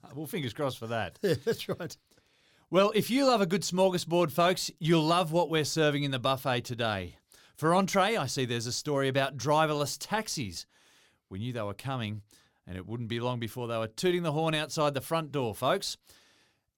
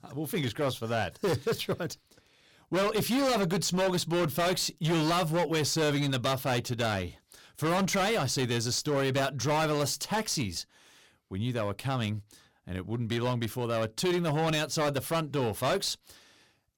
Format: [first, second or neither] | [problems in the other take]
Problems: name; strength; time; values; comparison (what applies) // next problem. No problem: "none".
first | distortion; heavy; 15% of the sound clipped